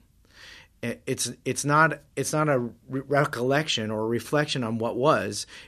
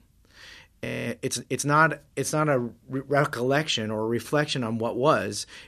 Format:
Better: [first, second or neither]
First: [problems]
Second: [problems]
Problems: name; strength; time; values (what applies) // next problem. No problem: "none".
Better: first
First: none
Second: audio freezing; at 1 s